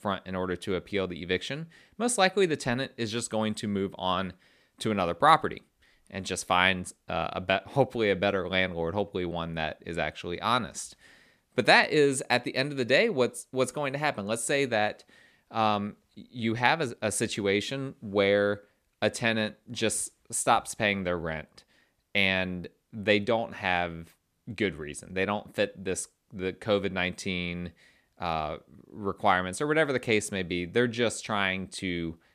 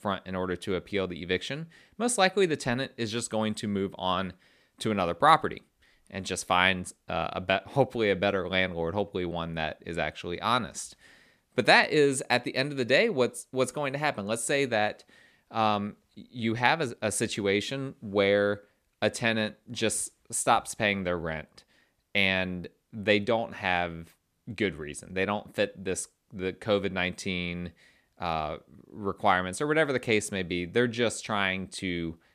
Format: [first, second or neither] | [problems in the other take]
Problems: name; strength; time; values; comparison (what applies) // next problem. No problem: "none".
neither | none